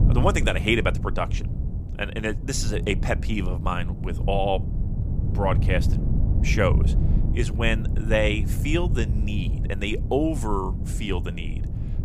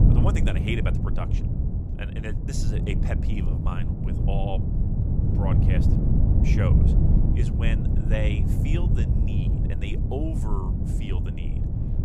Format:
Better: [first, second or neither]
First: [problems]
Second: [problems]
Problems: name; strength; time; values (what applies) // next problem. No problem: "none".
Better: first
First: wind noise on the microphone; occasional gusts; 10 dB below the speech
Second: wind noise on the microphone; heavy; as loud as the speech